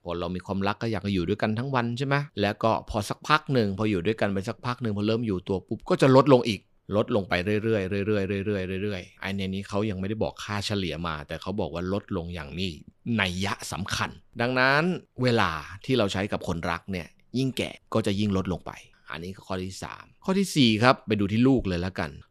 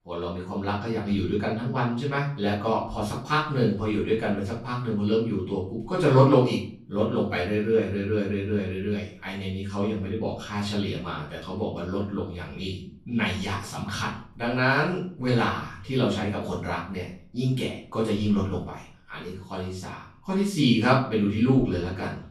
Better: first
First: none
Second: off-mic speech; far // room echo; noticeable; dies away in 0.4 s

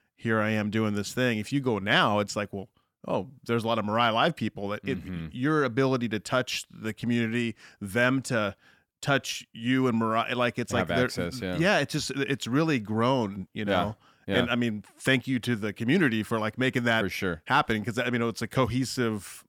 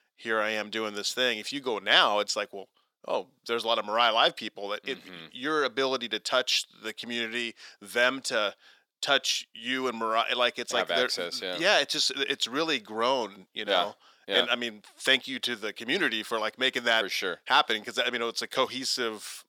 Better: first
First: none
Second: thin; somewhat; fading below 500 Hz

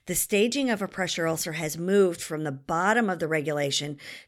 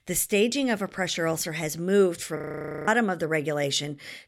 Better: first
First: none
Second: audio freezing; at 2.5 s for 0.5 s

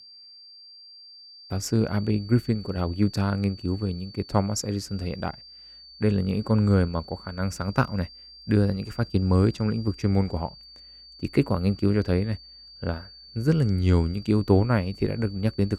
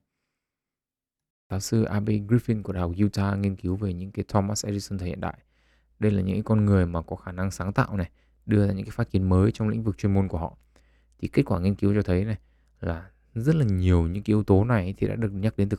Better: second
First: high-pitched whine; noticeable; throughout; 4.5 kHz, 20 dB below the speech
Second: none

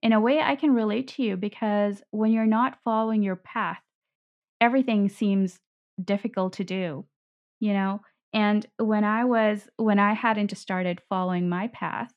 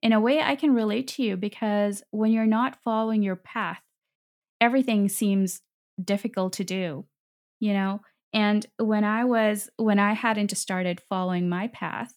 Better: second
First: muffled; slightly; fading above 3 kHz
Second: none

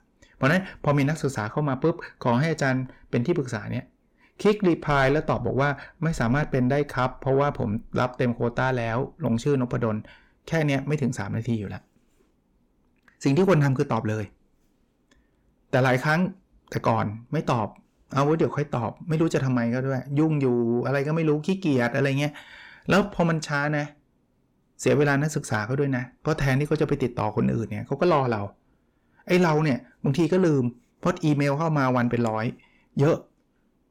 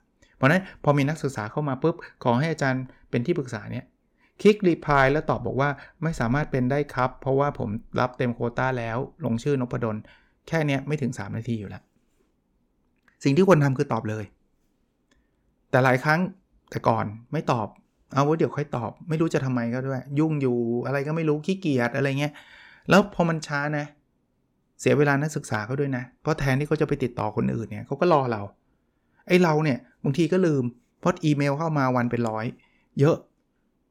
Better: second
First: distortion; slight; 10 dB below the speech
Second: none

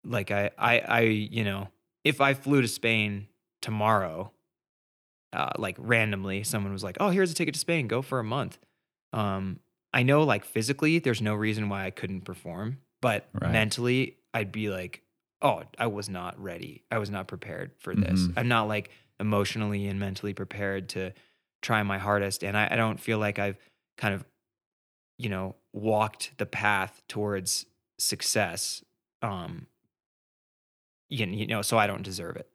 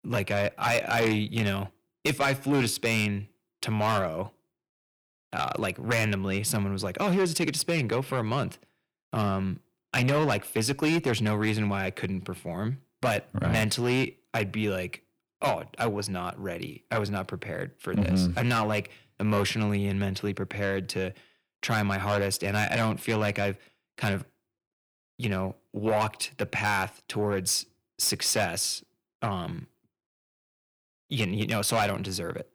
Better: first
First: none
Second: distortion; heavy; 8 dB below the speech

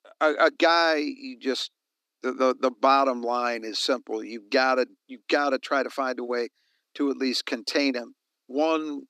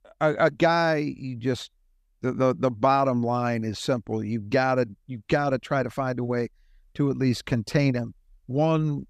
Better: second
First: thin; very slightly; fading below 250 Hz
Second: none

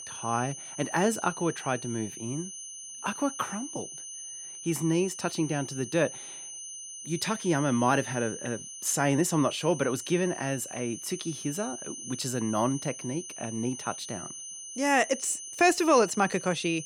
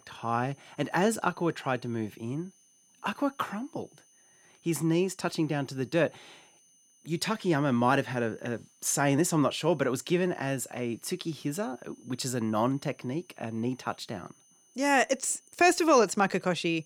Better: second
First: high-pitched whine; loud; throughout; 6 kHz, 10 dB below the speech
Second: high-pitched whine; faint; throughout; 6 kHz, 30 dB below the speech

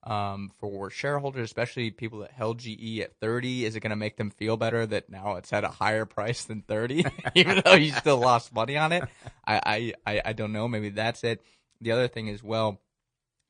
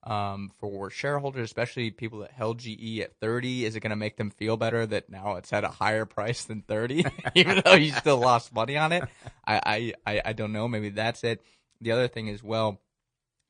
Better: neither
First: garbled, watery; slightly; nothing above 9.5 kHz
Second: garbled, watery; slightly; nothing above 9.5 kHz

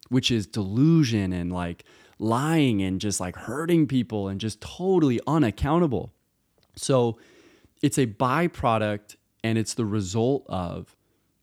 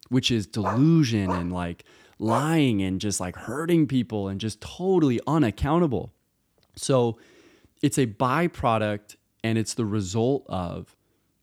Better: first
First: none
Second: dog barking; noticeable; from 0.5 to 2.5 s; peak 6 dB below the speech

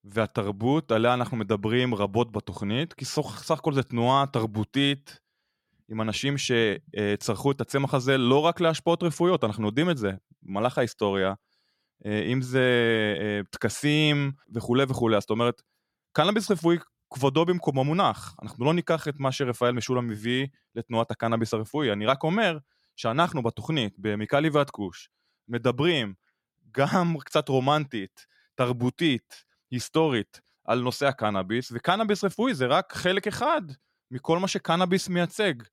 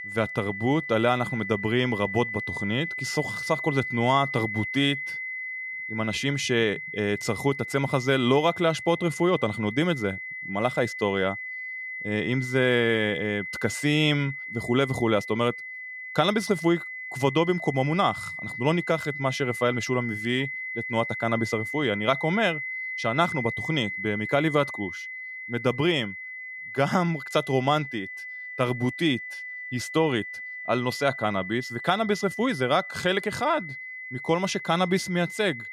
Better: first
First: none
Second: high-pitched whine; loud; throughout; 2 kHz, 7 dB below the speech

